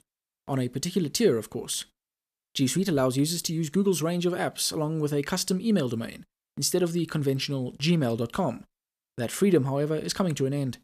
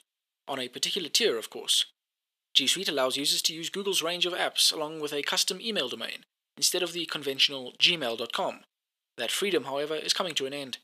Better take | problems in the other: first | thin; somewhat; fading below 500 Hz

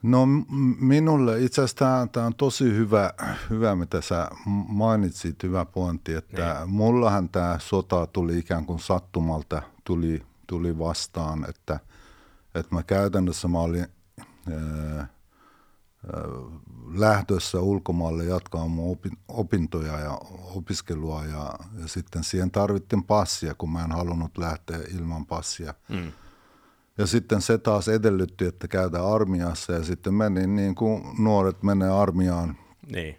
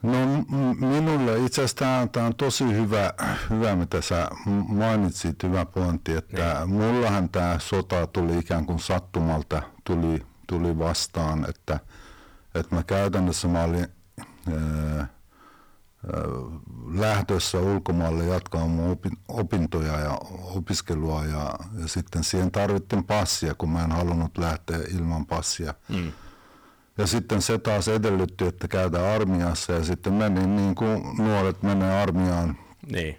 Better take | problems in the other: first | distortion; heavy; 20% of the sound clipped

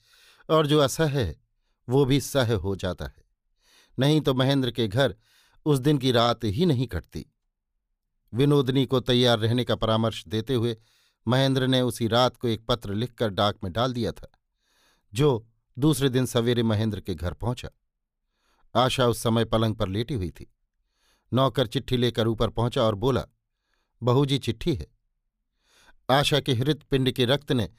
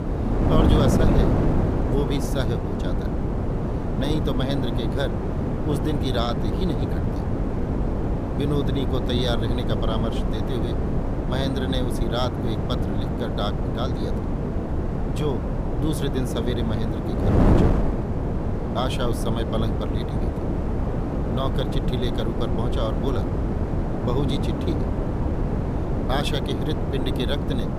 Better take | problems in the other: first | wind noise on the microphone; heavy; as loud as the speech

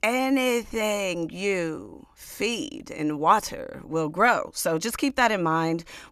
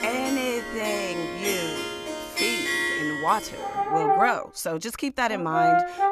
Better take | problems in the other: first | background music; very loud; throughout; 2 dB above the speech

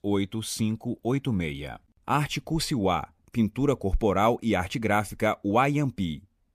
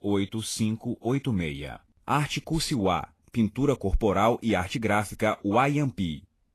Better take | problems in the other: first | garbled, watery; slightly; nothing above 12.5 kHz

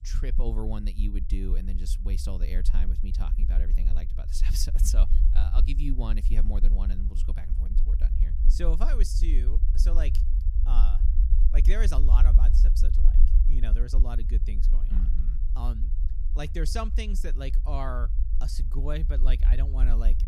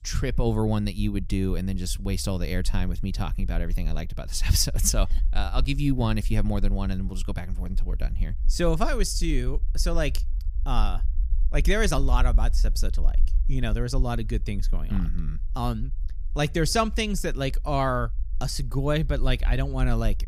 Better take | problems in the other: second | low rumble; loud; throughout; 9 dB below the speech; faint in the second

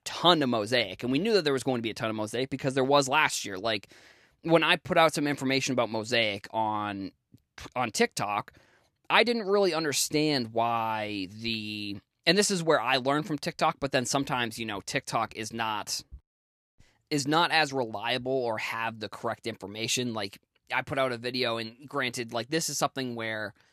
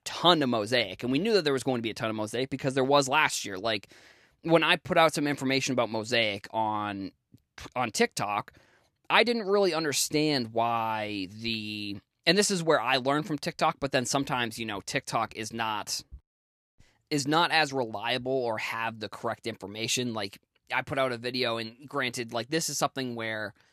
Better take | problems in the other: neither | none

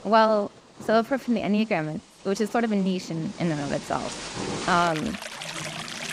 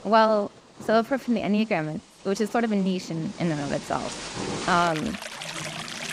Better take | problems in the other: neither | rain or running water; loud; throughout; 10 dB below the speech; the same in both

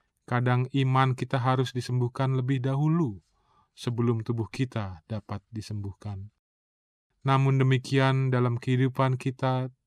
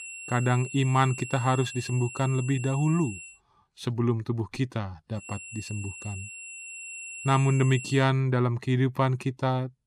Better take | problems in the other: first | high-pitched whine; noticeable; until 3.5 s and from 5 to 8 s; 2.5 kHz, 10 dB below the speech

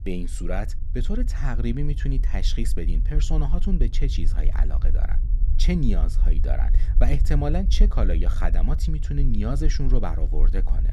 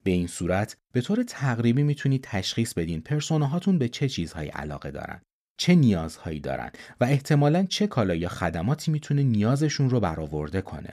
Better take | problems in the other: second | low rumble; noticeable; throughout; 15 dB below the speech

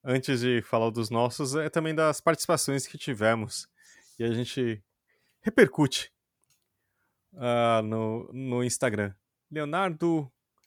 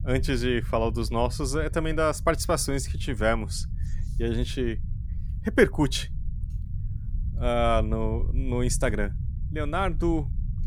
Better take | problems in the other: first | low rumble; faint; throughout; 20 dB below the speech

